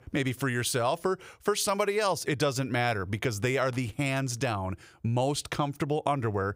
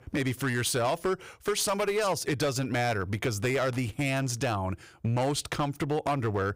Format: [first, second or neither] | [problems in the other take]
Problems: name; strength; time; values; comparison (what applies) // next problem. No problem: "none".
first | distortion; slight; 10% of the sound clipped